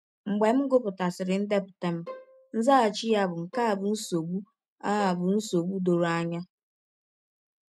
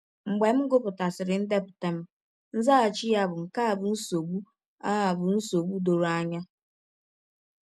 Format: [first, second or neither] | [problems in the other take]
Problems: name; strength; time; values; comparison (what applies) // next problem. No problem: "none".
second | noise reduction (neural mask model RNNoise)